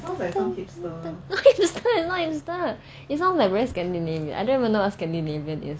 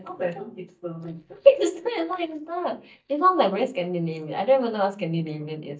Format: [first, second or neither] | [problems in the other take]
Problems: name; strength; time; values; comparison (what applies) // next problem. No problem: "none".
first | noise reduction (neural mask model DeepFilterNet 3)